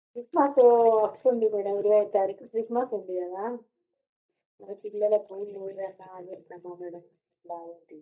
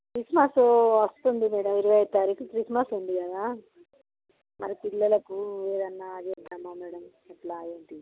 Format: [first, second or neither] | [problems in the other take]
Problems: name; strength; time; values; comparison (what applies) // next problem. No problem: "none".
second | noise reduction (neural mask model DeepFilterNet 3)